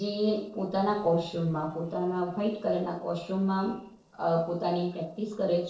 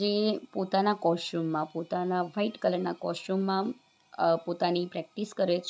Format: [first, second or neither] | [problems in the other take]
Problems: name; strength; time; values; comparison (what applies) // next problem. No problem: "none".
second | noise reduction (neural separator model SepFormer DNS4)